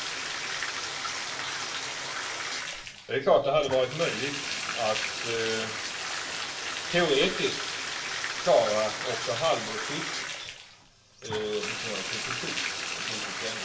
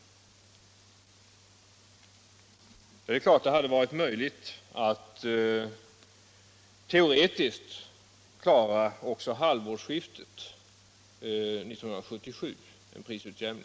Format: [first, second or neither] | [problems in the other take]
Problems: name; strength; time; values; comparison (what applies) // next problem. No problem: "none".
second | background sound (Bathtub (filling or washing)); 3 dB below the speech // room echo; dies away in 0.3 s